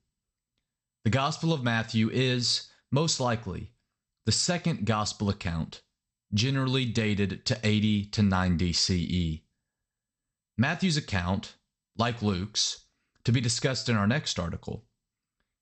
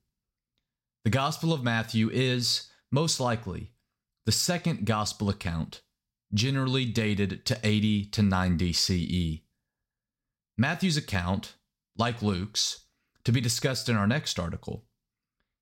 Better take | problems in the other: second | garbled, watery; slightly; nothing above 8.5 kHz

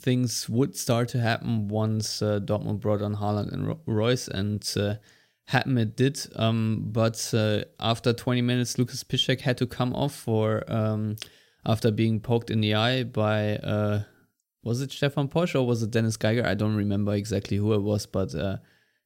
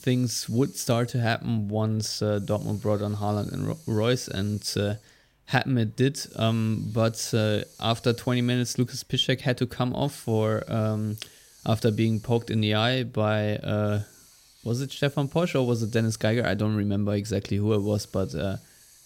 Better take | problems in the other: first | hiss; faint; throughout; 25 dB below the speech

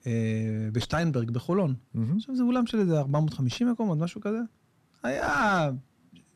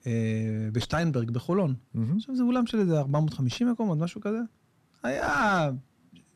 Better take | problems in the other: neither | distortion; slight; 9 dB below the speech; the same in both

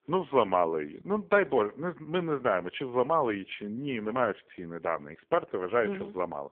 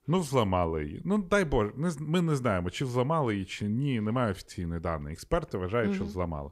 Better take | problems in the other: second | phone-call audio; poor line; nothing above 3 kHz

